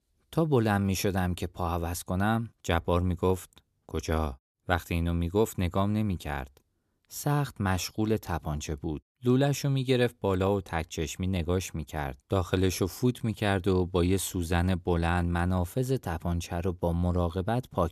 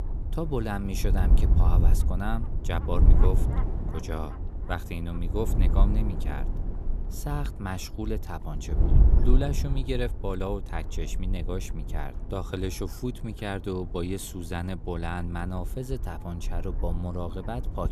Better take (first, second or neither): first